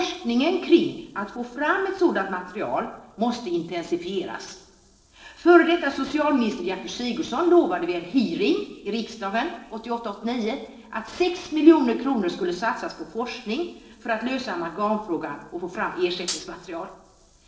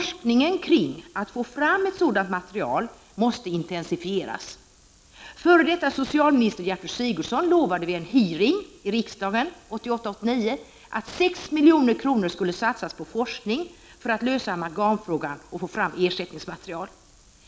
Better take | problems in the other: second | noise reduction (neural separator model SepFormer DNS4)

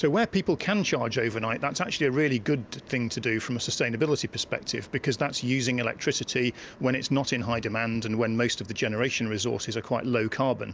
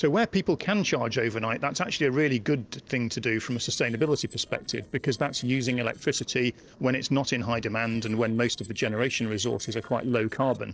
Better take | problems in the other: first | noise reduction (neural separator model SepFormer DNS4)

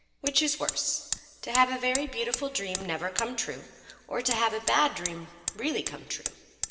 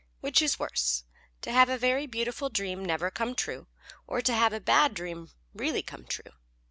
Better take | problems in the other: second | background sound (Hammer); 7 dB below the speech // room echo; dies away in 1.9 s

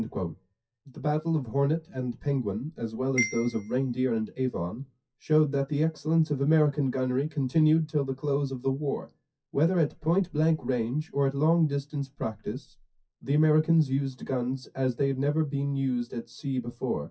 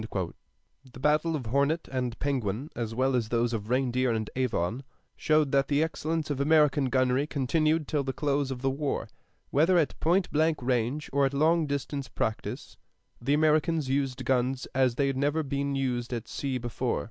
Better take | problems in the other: second | noise reduction (classical method WPE with log-MMSE)

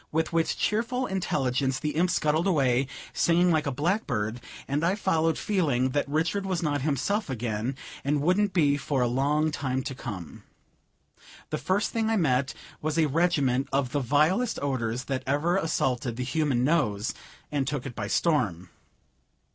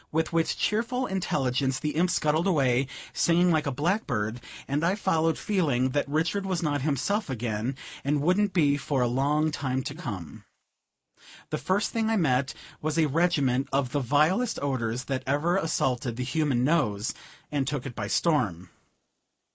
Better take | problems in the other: first | noise reduction (neural mask model Resemble Enhance denoiser)

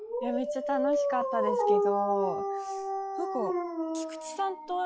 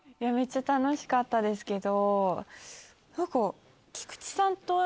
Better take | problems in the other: second | noise reduction (classical method log-MMSE)

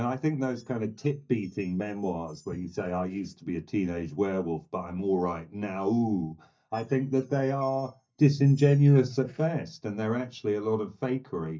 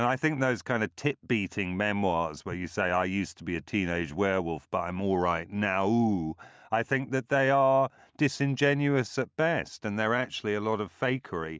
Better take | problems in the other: second | noise reduction (neural mask model DeepFilterNet 3)

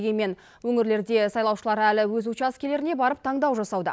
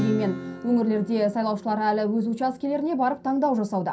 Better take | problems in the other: first | background sound (Acoustic guitar / Strum); 13 dB below the speech // room echo; dies away in 0.3 s

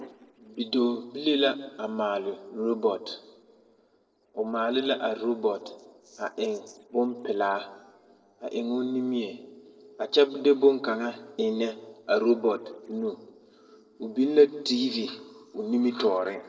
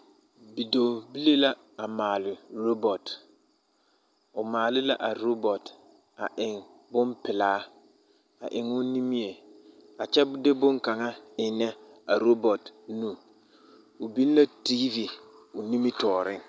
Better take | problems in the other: second | noise reduction (neural separator model SepFormer DNS4)

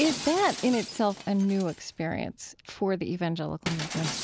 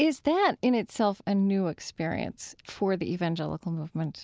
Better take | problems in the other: second | background sound (Shatter); 10 dB below the speech

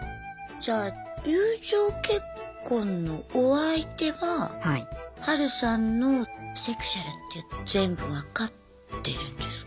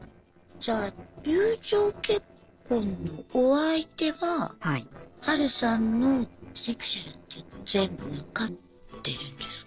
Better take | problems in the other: first | noise reduction (neural separator model SepFormer DNS4)

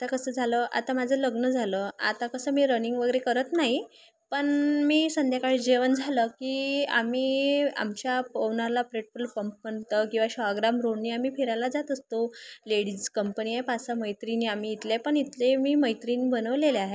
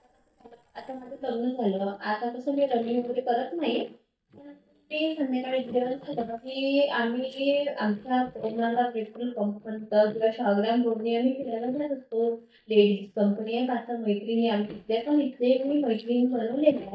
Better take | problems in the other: first | noise reduction (neural mask model DeepFilterNet 3)

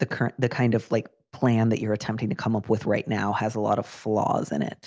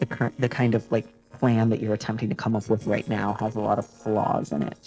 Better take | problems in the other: first | noise reduction (neural separator model SepFormer DNS4)

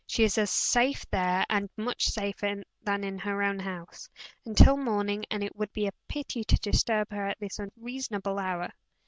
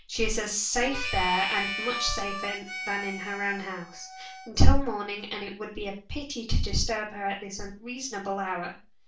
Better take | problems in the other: first | background sound (Harmonica); 8 dB below the speech // room echo; dies away in 0.3 s

